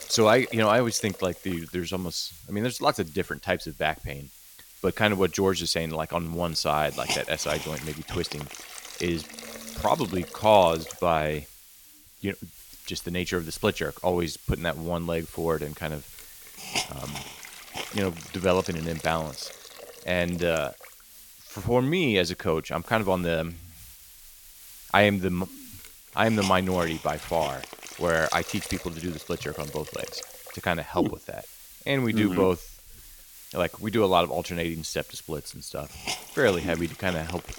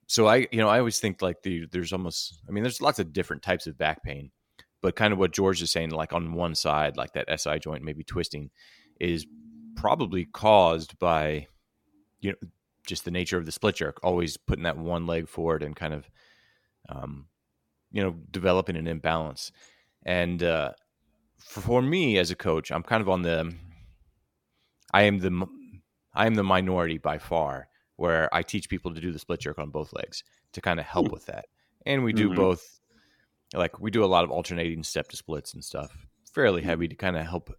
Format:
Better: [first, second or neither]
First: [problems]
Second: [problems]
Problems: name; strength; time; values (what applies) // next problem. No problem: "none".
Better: second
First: hiss; noticeable; throughout; 15 dB below the speech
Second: none